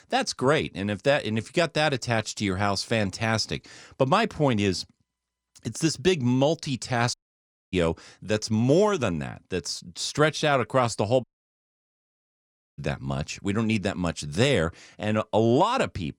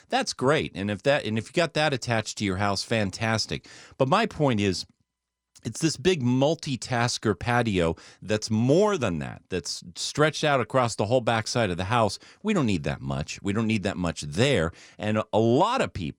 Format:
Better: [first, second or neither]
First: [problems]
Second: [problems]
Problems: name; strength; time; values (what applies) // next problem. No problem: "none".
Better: second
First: audio cutting out; at 7 s for 0.5 s and at 11 s for 1.5 s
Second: none